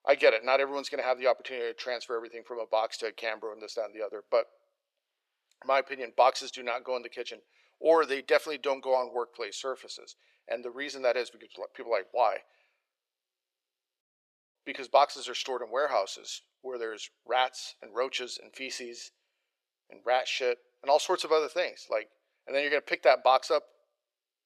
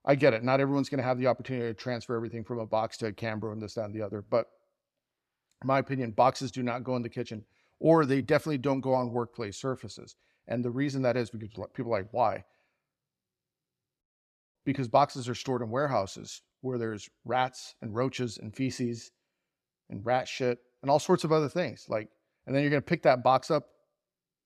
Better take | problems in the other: second | thin; very; fading below 450 Hz

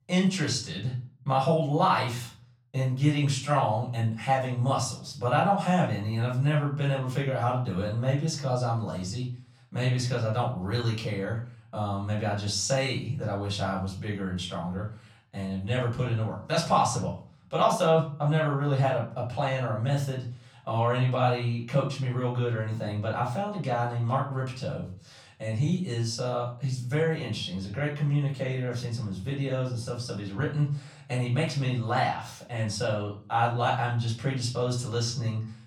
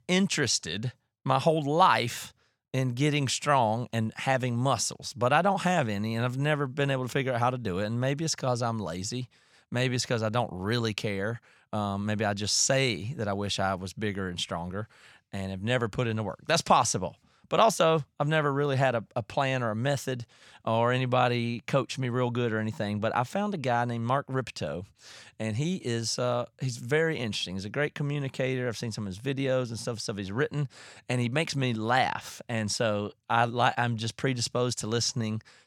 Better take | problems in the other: second | room echo; slight; dies away in 0.4 s // off-mic speech; far

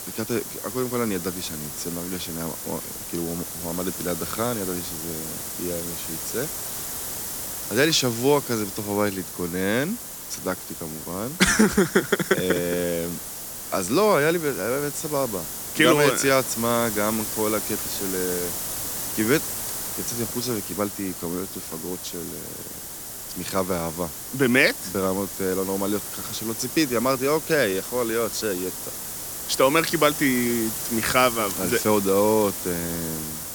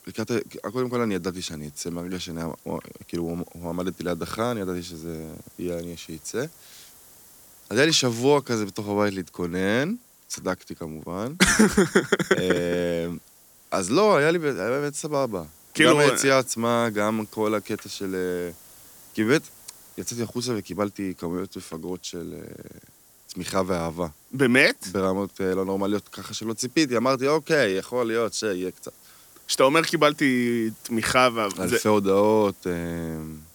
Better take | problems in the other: second | hiss; loud; throughout; 6 dB below the speech; faint in the second

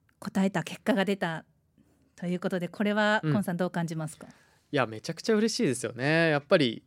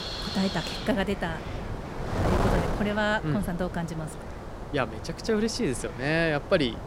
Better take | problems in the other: first | wind noise on the microphone; heavy; 6 dB below the speech

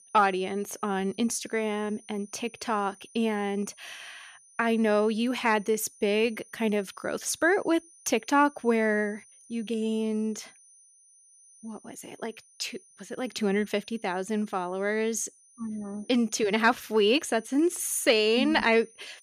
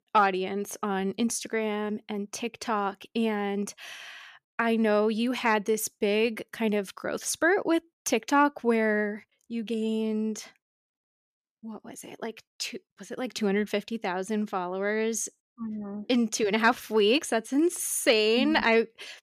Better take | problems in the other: second | high-pitched whine; faint; throughout; 9.5 kHz, 25 dB below the speech

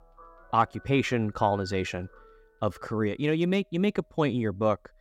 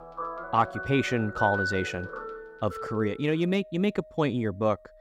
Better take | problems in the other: first | background music; loud; throughout; 7 dB below the speech; faint in the first

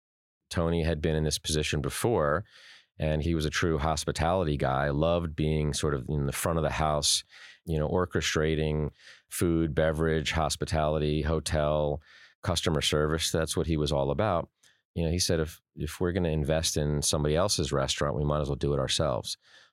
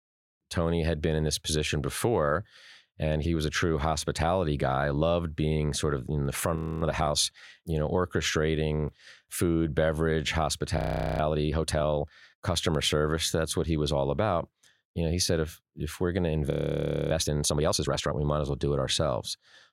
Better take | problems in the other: first | audio freezing; at 6.5 s, at 11 s and at 17 s for 0.5 s

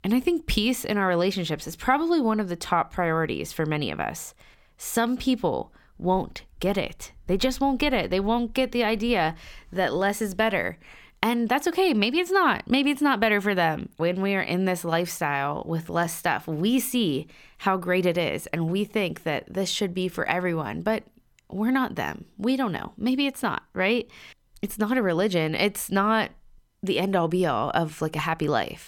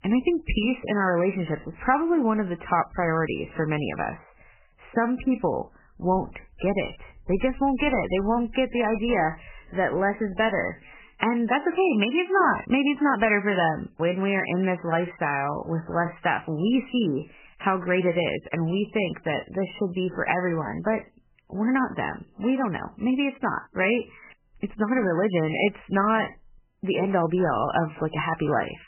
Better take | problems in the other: first | garbled, watery; badly; nothing above 3 kHz

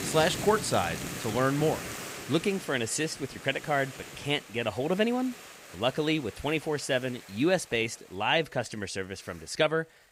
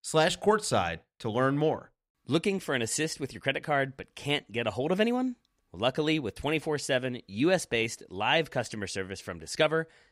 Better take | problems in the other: second | hiss; noticeable; throughout; 10 dB below the speech

